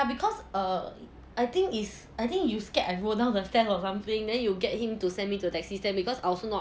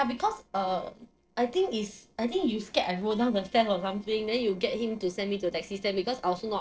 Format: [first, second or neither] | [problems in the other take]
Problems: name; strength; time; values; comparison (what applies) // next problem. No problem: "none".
first | noise reduction (neural separator model SepFormer DNS4)